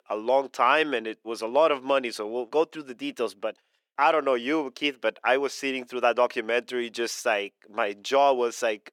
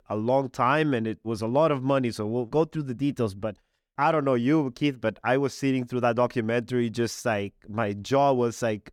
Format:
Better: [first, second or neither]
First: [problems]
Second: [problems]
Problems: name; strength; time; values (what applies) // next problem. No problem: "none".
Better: second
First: thin; somewhat; fading below 400 Hz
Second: none